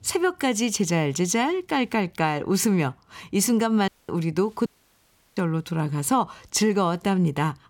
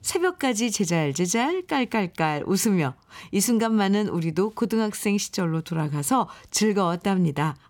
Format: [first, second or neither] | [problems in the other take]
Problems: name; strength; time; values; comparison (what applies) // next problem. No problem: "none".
second | audio cutting out; at 4 s and at 4.5 s for 0.5 s